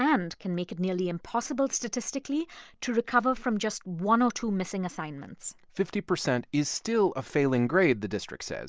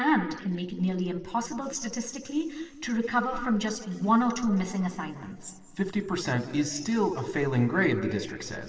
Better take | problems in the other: first | noise reduction (neural separator model SepFormer DNS4)

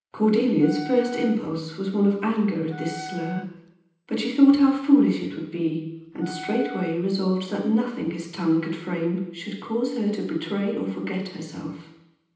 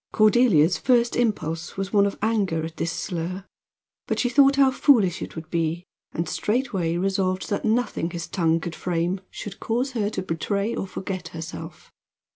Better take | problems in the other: second | background sound (Wind instrument, woodwind instrument); 15 dB below the speech // room echo; dies away in 0.9 s

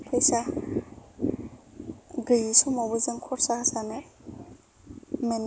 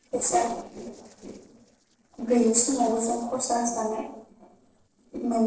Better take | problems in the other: first | noise reduction (neural separator model SepFormer DNS4)

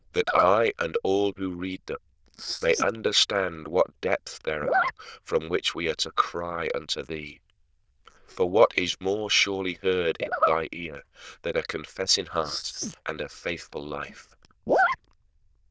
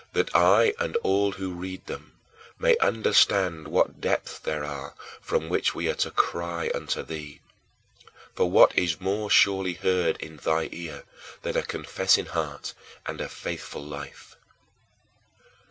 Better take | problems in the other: second | noise reduction (neural diffusion model UNIVERSE++)

